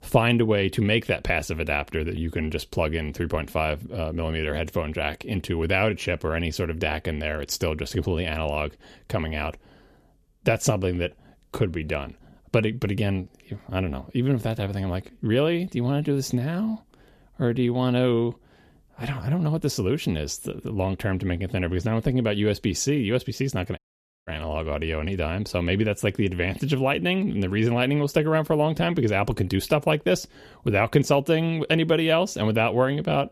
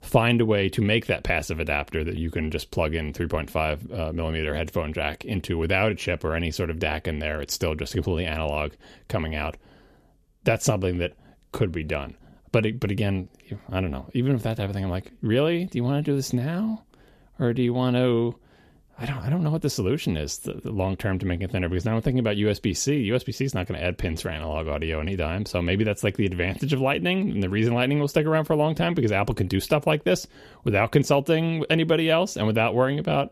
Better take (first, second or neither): second